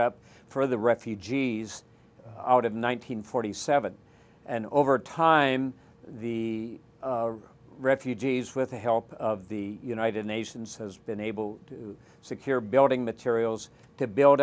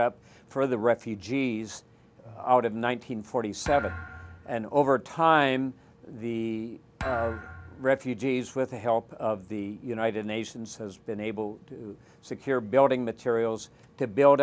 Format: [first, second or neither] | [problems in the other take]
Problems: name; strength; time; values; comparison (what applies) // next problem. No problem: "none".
first | background sound (Thump, thud); 13 dB below the speech